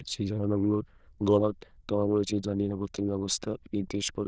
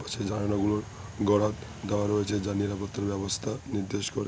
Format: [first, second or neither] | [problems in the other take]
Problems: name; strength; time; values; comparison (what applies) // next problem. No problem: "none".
second | noise reduction (neural diffusion model UNIVERSE++)